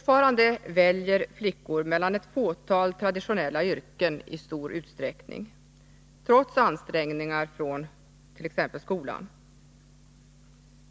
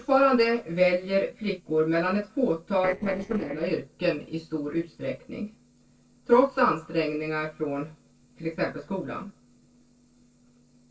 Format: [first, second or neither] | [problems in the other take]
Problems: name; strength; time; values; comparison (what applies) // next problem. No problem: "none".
first | noise reduction (neural separator model SepFormer DNS4)